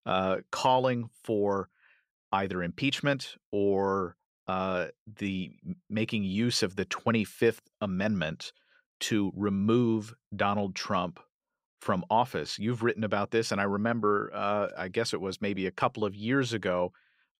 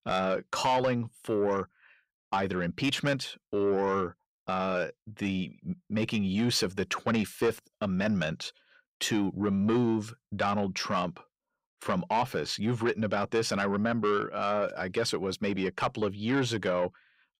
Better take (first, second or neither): first